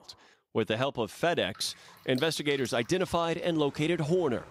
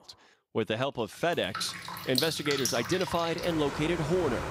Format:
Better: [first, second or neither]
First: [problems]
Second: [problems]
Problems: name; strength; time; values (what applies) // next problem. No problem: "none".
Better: first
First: rain or running water; faint; from 1.5 s on; 20 dB below the speech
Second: rain or running water; loud; from 1.5 s on; 4 dB below the speech